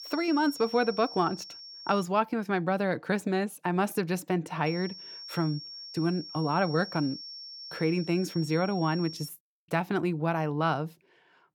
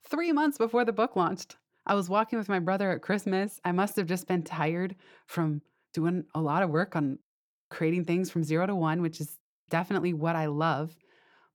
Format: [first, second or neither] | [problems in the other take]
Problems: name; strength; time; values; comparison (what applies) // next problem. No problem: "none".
second | high-pitched whine; noticeable; until 2 s and from 4.5 to 9.5 s; 5.5 kHz, 10 dB below the speech